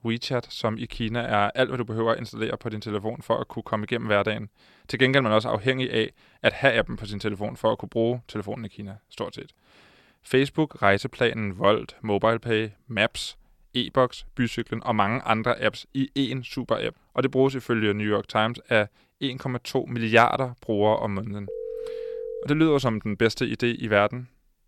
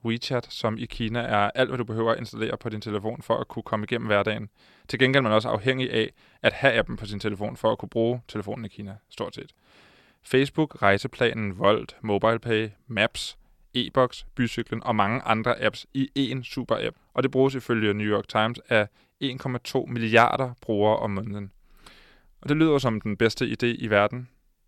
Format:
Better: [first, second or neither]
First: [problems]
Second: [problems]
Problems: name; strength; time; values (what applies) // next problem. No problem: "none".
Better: second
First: phone ringing; noticeable; at 21 s; peak 9 dB below the speech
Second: none